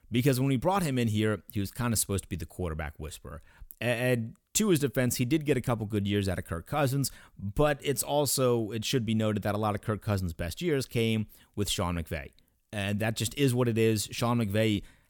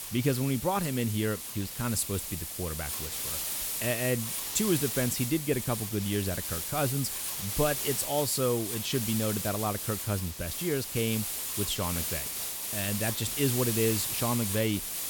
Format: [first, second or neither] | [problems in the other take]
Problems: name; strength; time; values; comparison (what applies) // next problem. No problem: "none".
first | hiss; loud; throughout; 2 dB below the speech